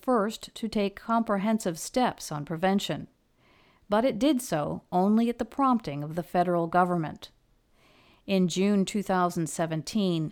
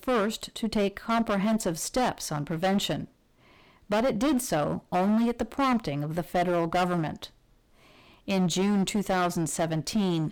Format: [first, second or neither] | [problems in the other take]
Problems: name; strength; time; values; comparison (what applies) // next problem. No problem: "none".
first | distortion; heavy; 13% of the sound clipped